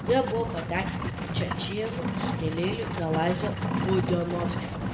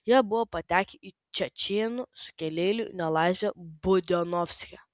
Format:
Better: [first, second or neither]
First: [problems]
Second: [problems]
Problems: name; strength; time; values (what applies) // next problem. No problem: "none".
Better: second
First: background sound (Livestock, farm animals, working animals); as loud as the speech // room echo; dies away in 0.8 s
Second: none